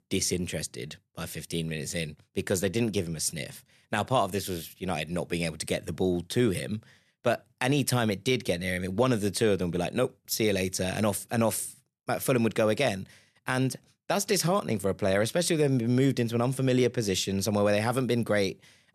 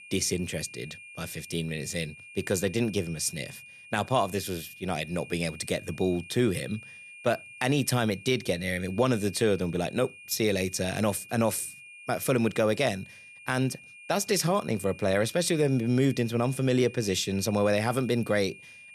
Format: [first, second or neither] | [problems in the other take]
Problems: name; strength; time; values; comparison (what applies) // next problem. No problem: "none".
first | high-pitched whine; noticeable; throughout; 2.5 kHz, 20 dB below the speech